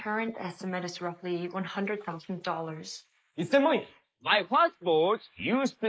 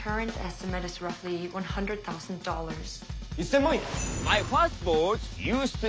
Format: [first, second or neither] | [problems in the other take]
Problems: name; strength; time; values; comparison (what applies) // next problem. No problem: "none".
second | noise reduction (neural mask model Resemble Enhance denoiser)